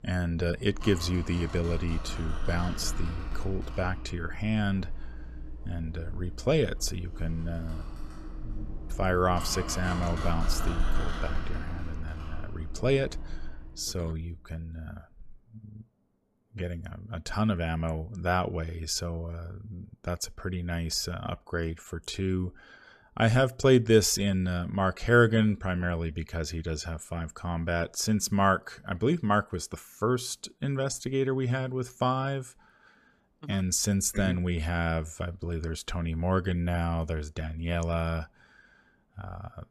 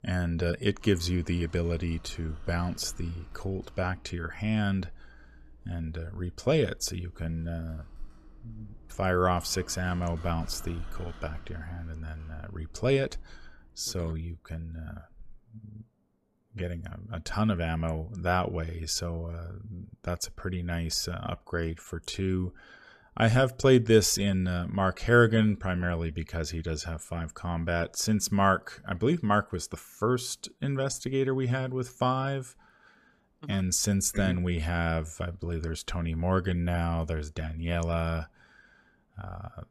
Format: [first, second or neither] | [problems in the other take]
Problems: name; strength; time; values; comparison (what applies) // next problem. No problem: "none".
second | household noises; loud; until 13 s; 10 dB below the speech; faint in the second